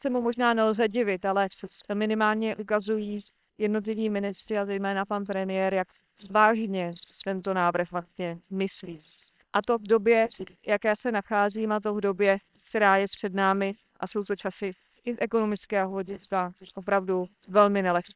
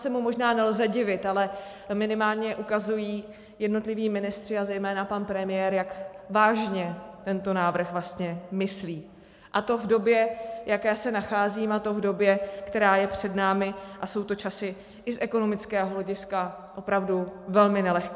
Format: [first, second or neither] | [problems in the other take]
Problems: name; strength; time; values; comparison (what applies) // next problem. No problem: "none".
second | noise reduction (neural separator model SepFormer WHAM!)